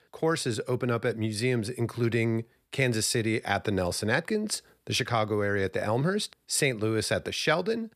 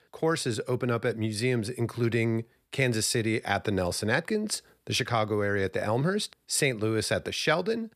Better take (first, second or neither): neither